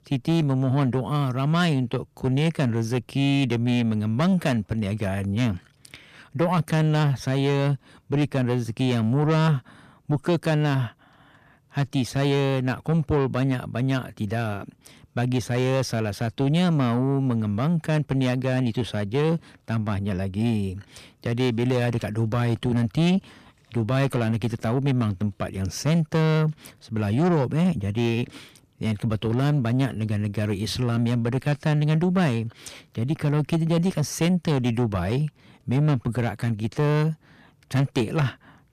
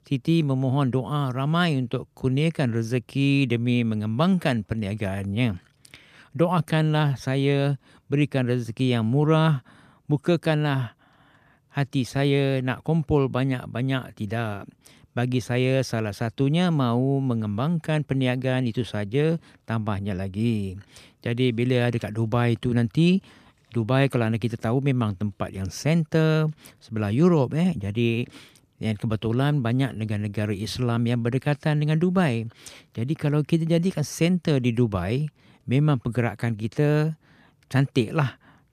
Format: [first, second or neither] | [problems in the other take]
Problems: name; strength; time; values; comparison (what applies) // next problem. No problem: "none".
second | distortion; slight; 10 dB below the speech